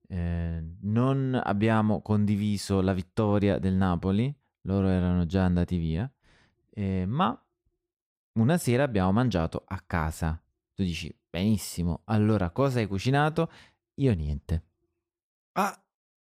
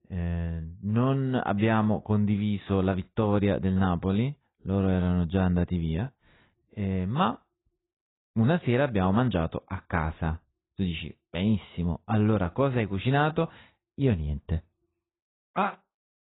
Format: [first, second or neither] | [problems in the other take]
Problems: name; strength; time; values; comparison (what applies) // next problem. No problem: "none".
first | garbled, watery; badly; nothing above 4 kHz